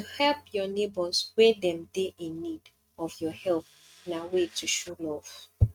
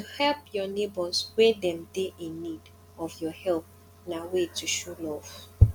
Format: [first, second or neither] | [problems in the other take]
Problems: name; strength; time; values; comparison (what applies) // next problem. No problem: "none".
second | noise reduction (neural mask model RNNoise)